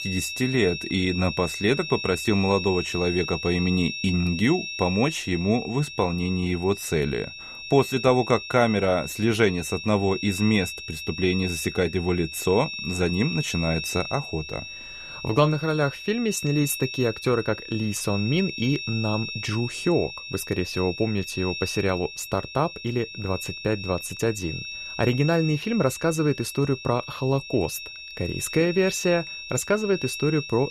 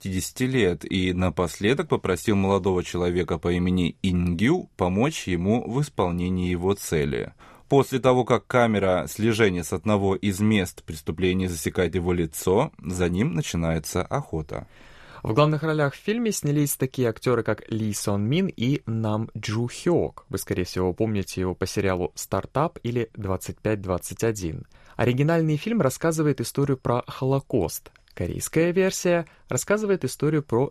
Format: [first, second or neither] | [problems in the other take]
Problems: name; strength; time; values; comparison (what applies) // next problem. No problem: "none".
second | high-pitched whine; loud; throughout; 2.5 kHz, 8 dB below the speech